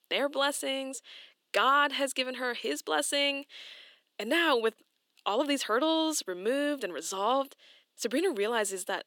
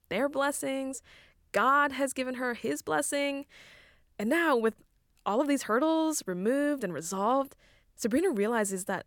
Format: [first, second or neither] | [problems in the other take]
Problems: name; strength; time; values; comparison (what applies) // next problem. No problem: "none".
second | thin; very slightly; fading below 300 Hz